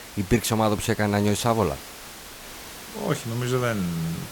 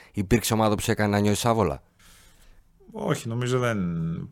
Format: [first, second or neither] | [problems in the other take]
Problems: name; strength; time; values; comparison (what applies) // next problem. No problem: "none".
second | hiss; noticeable; throughout; 15 dB below the speech